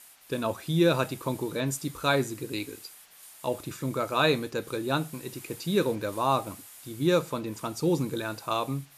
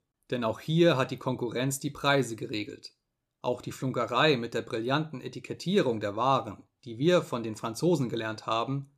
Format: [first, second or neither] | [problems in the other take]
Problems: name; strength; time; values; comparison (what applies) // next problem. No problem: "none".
second | hiss; noticeable; throughout; 20 dB below the speech